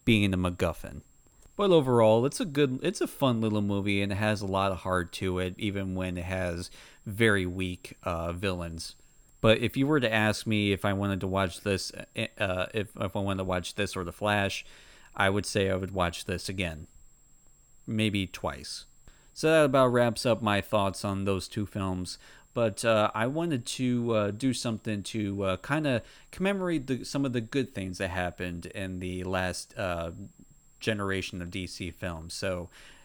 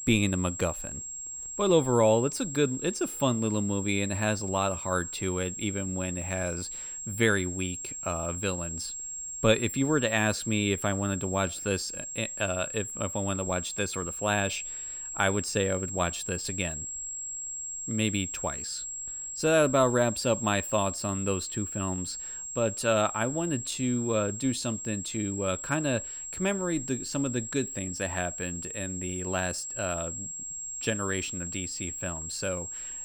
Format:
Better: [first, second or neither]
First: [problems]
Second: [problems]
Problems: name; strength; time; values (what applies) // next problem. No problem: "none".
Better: first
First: high-pitched whine; faint; throughout; 7.5 kHz, 35 dB below the speech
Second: high-pitched whine; loud; throughout; 7.5 kHz, 5 dB below the speech